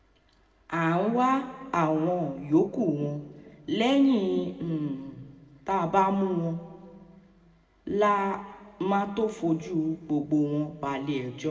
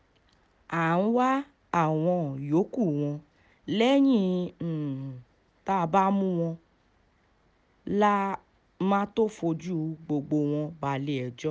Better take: second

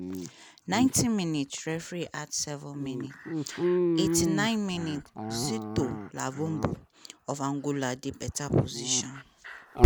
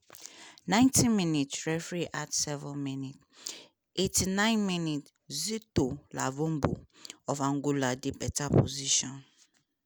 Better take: second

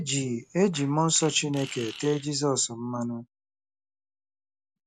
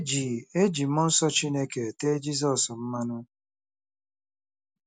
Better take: second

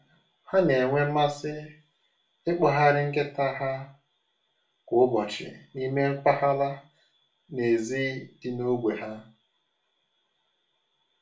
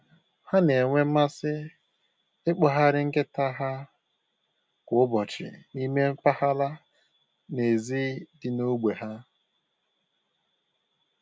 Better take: second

